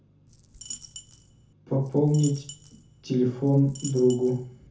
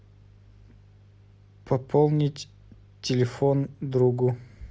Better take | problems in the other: second | background sound (Coin (dropping)); 18 dB below the speech // room echo; dies away in 0.7 s

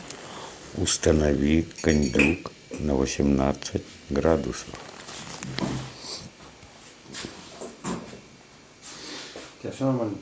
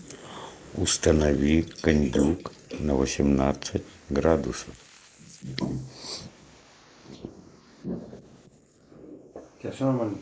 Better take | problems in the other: first | noise reduction (neural mask model Resemble Enhance denoiser)

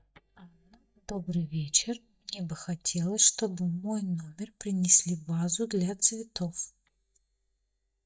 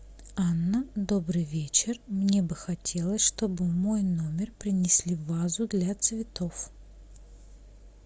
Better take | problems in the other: second | noise reduction (neural mask model DeepFilterNet 3)

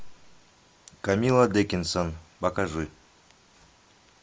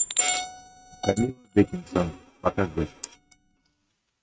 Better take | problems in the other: first | noise reduction (neural mask model RNNoise)

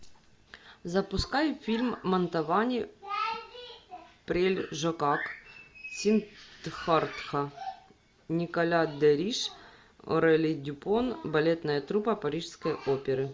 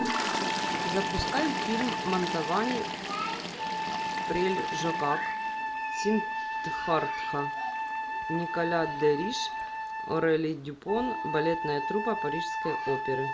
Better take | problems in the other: first | background sound (Toilet flush + Wind instrument, woodwind instrument); 1 dB below the speech

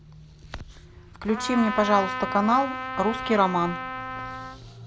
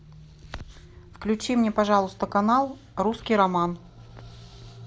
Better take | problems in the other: second | background sound (Trumpet); 6 dB below the speech

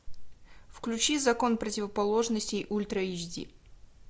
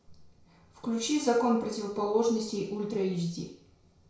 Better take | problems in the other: first | room echo; dies away in 0.5 s

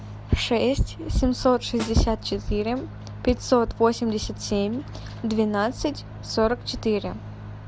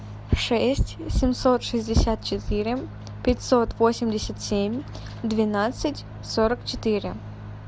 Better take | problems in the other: second | background sound (Snare drum); 16 dB below the speech

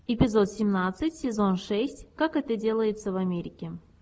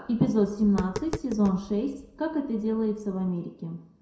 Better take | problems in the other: first | background sound (Tap); 14 dB below the speech // room echo; dies away in 0.5 s

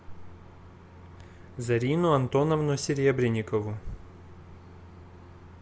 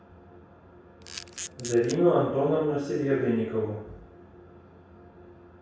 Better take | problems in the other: first | background sound (Camera); 12 dB below the speech // room echo; dies away in 0.7 s

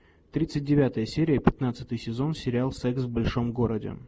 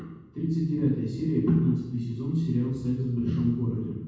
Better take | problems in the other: first | room echo; dies away in 1.1 s

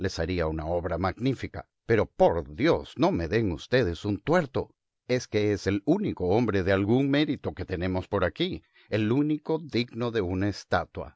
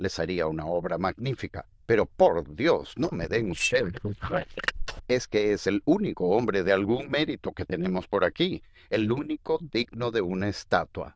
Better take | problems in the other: first | noise reduction (neural diffusion model UNIVERSE++)

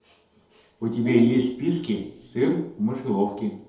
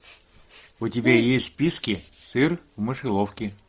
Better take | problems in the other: second | room echo; dies away in 2 s

